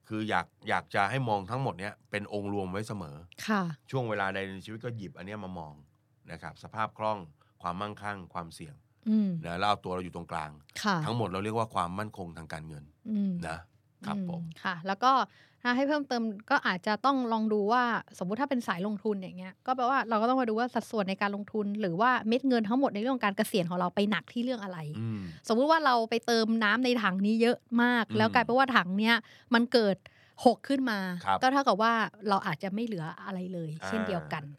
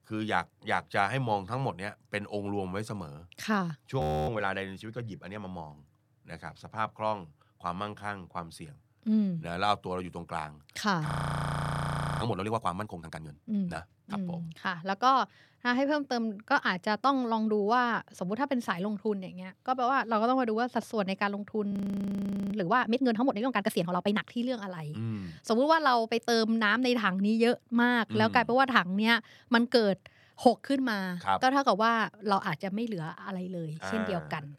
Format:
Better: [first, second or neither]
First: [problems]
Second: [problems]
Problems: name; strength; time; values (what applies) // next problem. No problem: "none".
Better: first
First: none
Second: audio freezing; at 4 s, at 11 s for 1 s and at 22 s for 1 s